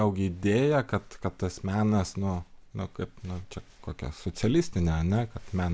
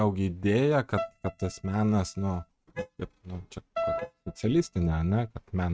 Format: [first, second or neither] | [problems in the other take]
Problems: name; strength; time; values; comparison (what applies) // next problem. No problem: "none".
first | noise reduction (neural mask model RNNoise)